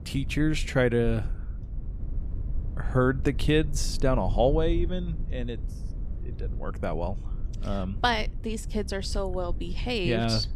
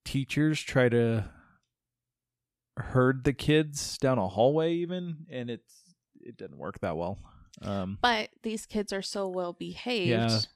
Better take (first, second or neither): second